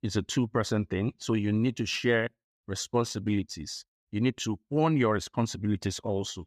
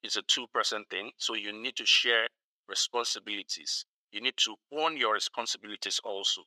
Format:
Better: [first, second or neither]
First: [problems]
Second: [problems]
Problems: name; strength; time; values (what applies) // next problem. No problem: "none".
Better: first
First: none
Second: thin; very; fading below 500 Hz